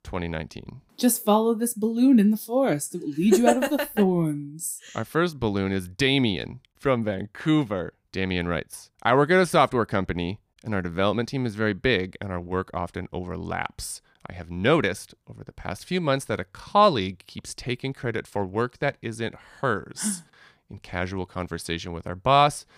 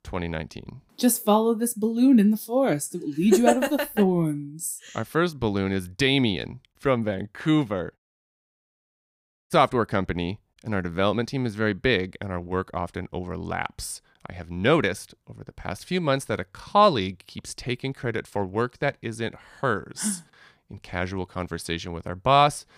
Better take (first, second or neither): first